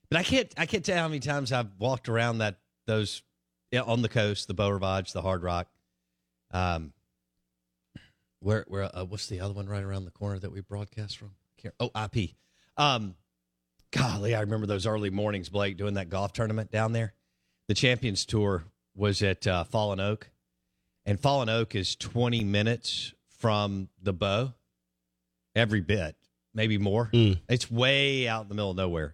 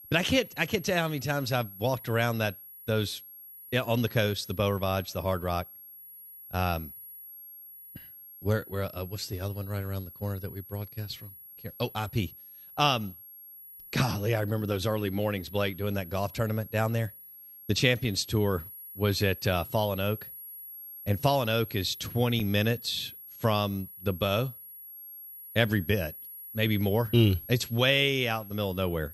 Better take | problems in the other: first | high-pitched whine; noticeable; throughout; 11.5 kHz, 15 dB below the speech

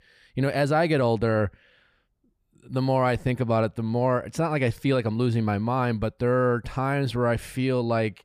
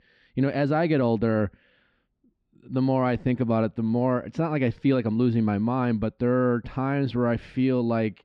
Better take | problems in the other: first | muffled; very slightly; fading above 4 kHz

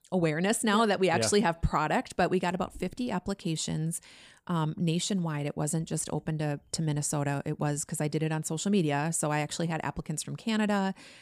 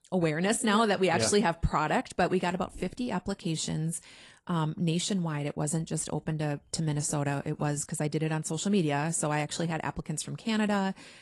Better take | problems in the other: first | garbled, watery; slightly

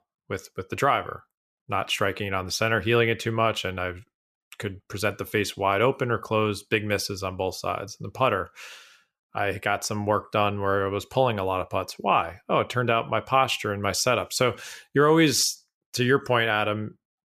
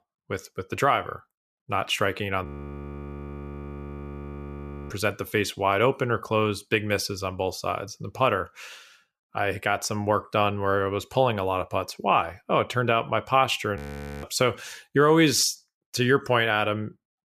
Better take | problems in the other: first | audio freezing; at 2.5 s for 2.5 s and at 14 s

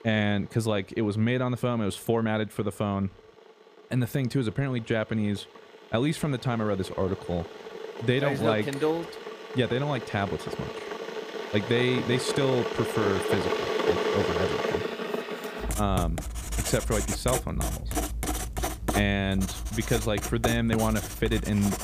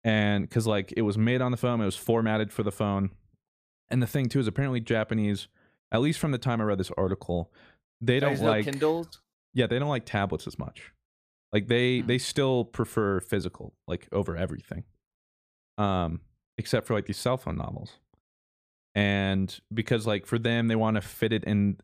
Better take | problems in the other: second | household noises; loud; throughout; 4 dB below the speech

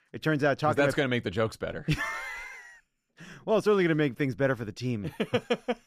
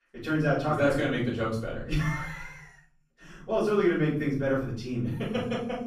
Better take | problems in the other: first | room echo; noticeable; dies away in 0.7 s // off-mic speech; far

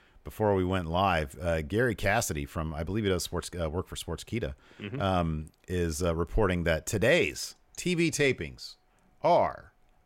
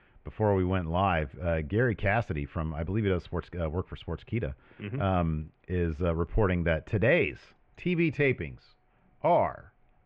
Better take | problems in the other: first | muffled; very; fading above 2.5 kHz

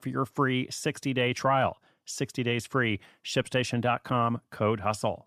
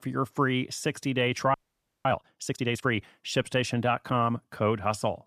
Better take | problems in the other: first | audio freezing; at 1.5 s for 0.5 s

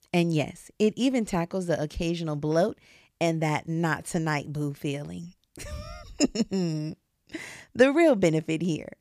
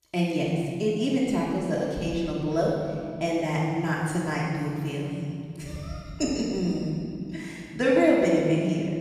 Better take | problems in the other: first | off-mic speech; far // room echo; strong; dies away in 2.3 s

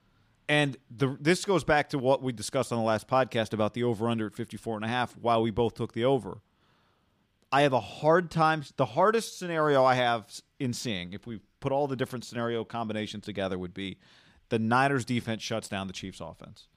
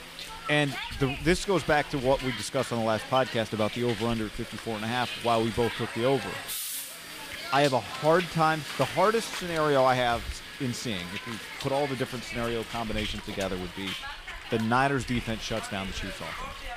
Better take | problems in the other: first | hiss; loud; throughout; 8 dB below the speech

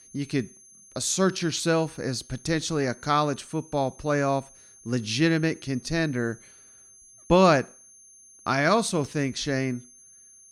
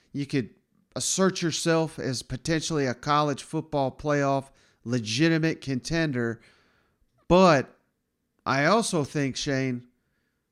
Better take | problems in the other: second | high-pitched whine; faint; throughout; 6.5 kHz, 25 dB below the speech

